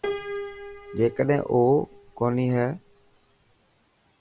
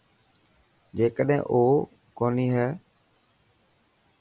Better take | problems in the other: second | background sound (Piano); 12 dB below the speech

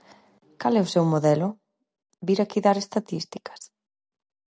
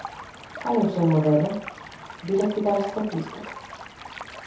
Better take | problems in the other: first | background sound (Stream); 14 dB below the speech // room echo; dies away in 0.6 s

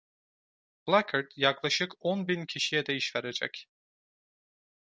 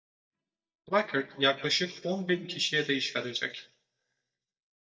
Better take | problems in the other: first | noise reduction (neural mask model DeepFilterNet 3)

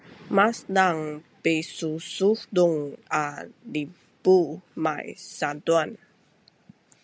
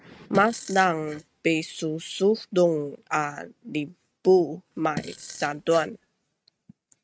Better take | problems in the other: first | noise reduction (neural mask model RNNoise)

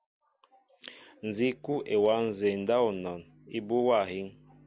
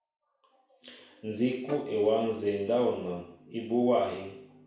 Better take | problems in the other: first | background sound (Bowed string instrument); 15 dB below the speech // room echo; dies away in 0.6 s

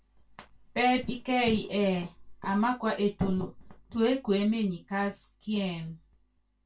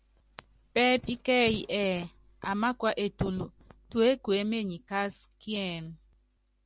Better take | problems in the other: second | room echo; dies away in 0.2 s

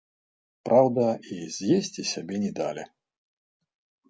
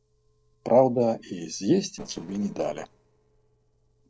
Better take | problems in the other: first | noise reduction (neural separator model SepFormer DNS4)

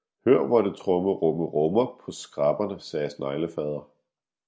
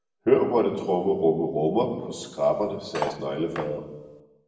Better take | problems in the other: first | background sound (Cutlery, silverware); 11 dB below the speech // room echo; dies away in 1.1 s

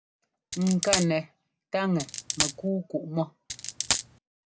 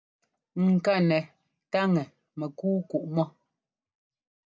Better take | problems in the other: second | background sound (Coin (dropping)); as loud as the speech

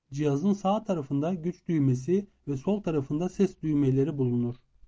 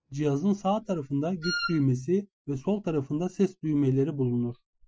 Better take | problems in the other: first | noise reduction (classical method Wiener filter)

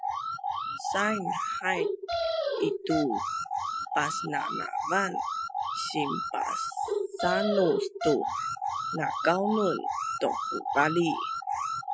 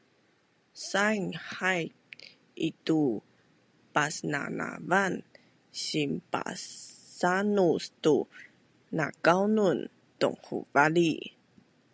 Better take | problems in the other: second | noise reduction (classical method Wiener filter)

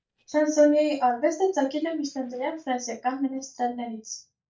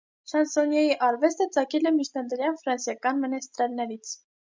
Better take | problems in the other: second | noise reduction (neural mask model DeepFilterNet 3)

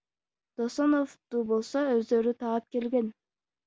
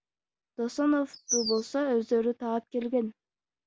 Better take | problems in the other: first | background sound (Bird vocalization, bird call, bird song); 3 dB below the speech

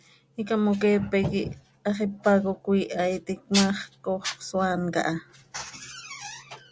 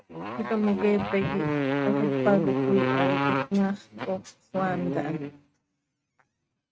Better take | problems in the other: first | noise reduction (neural mask model RNNoise)

